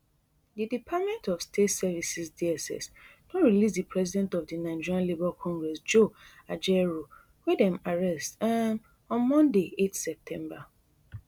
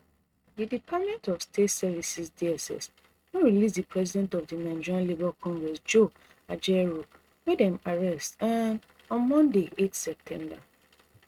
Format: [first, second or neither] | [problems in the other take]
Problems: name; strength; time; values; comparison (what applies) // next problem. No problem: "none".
first | noise reduction (neural mask model RNNoise)